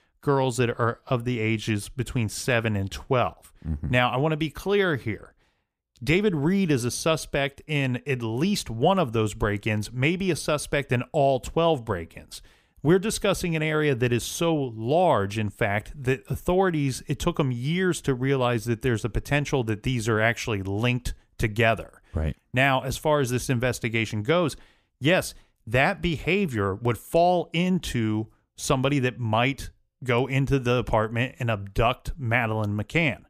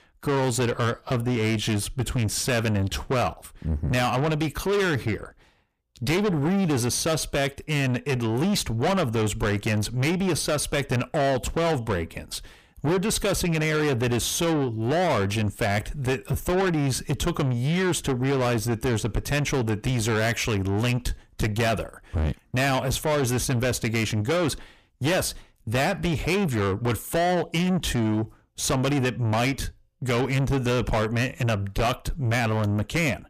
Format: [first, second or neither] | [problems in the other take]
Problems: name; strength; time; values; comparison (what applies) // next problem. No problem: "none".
first | distortion; heavy; 6 dB below the speech